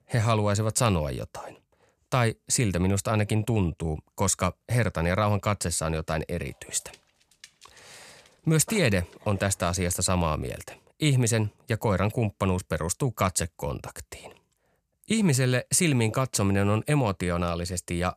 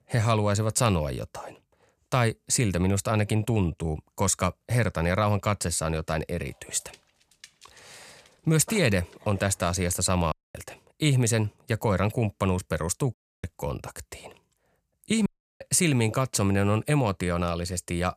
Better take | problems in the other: first | audio cutting out; at 10 s, at 13 s and at 15 s

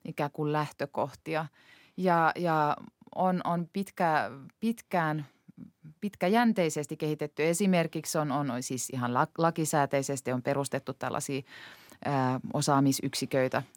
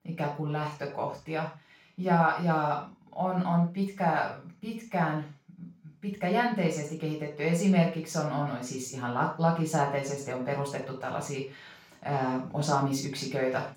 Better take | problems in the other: first | room echo; noticeable; dies away in 0.3 s // off-mic speech; far

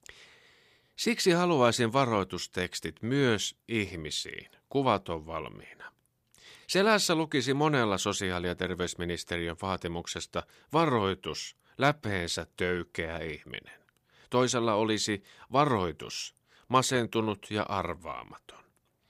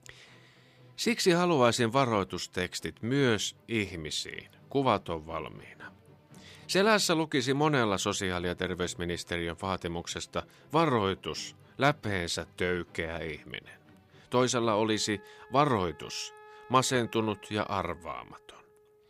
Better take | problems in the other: first | background music; faint; throughout; 25 dB below the speech

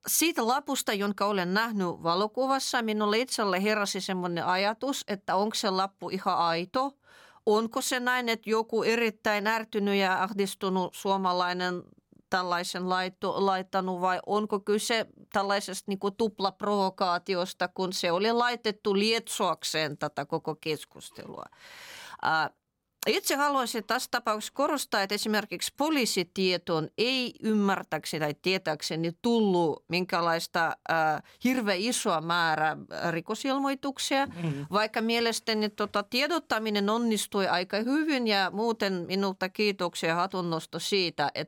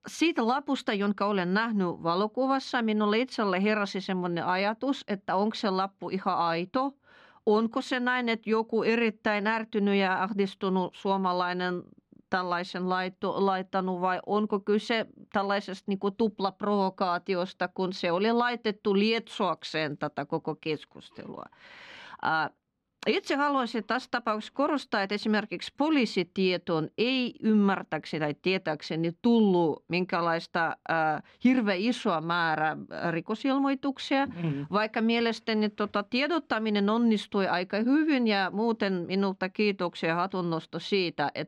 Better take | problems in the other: first | muffled; very slightly; fading above 3 kHz

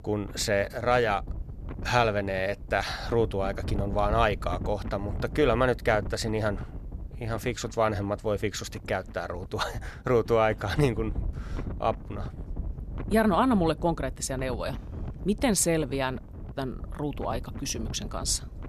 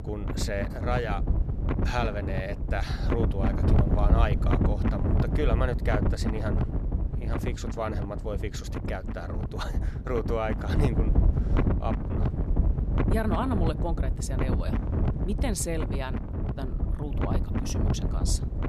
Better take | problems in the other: first | wind noise on the microphone; heavy; 3 dB below the speech; occasional gusts in the first

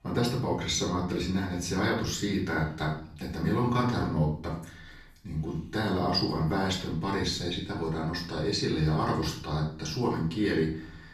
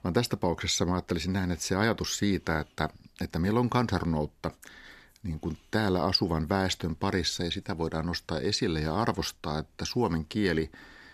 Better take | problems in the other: second | room echo; slight; dies away in 0.5 s // off-mic speech; far

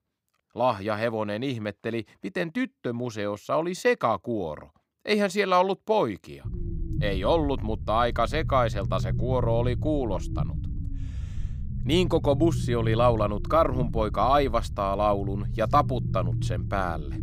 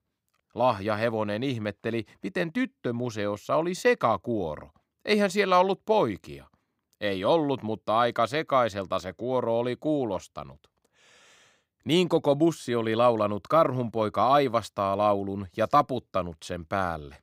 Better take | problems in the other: second | low rumble; noticeable; from 6.5 s on; 20 dB below the speech

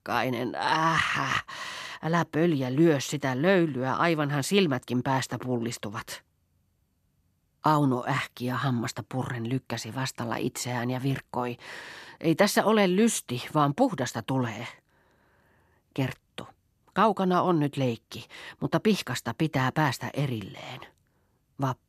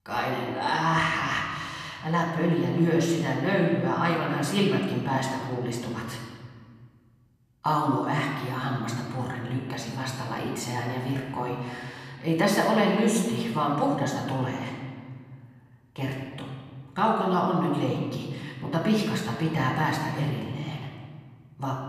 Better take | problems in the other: first | room echo; noticeable; dies away in 1.6 s // off-mic speech; somewhat distant

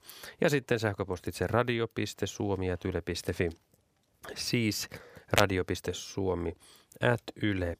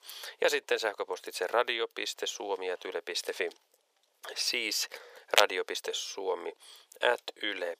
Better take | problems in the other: first | thin; very; fading below 450 Hz

